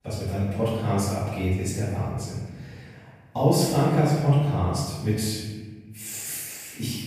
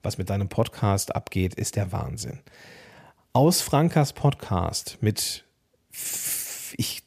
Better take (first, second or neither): second